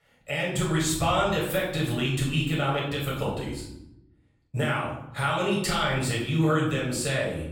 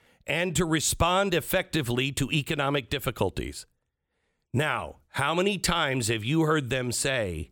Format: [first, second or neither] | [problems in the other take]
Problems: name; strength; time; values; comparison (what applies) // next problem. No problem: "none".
second | off-mic speech; far // room echo; noticeable; dies away in 0.8 s